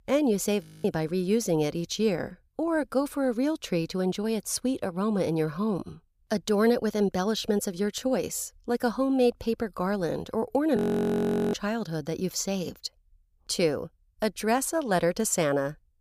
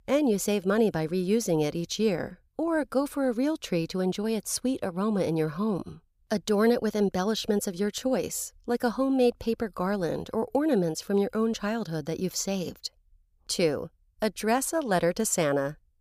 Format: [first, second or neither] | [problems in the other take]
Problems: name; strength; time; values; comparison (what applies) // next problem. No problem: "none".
second | audio freezing; at 0.5 s and at 11 s for 1 s